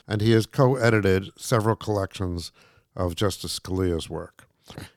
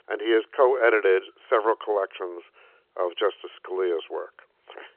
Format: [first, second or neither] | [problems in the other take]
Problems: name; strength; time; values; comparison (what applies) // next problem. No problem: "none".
first | phone-call audio